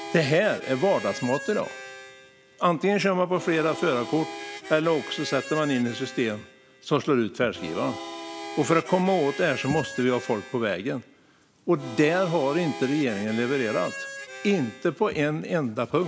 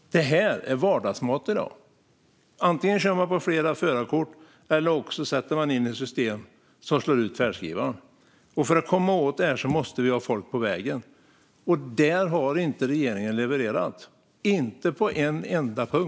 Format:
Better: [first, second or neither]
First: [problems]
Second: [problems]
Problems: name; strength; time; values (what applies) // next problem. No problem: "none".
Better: second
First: background sound (Harmonica); 13 dB below the speech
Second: none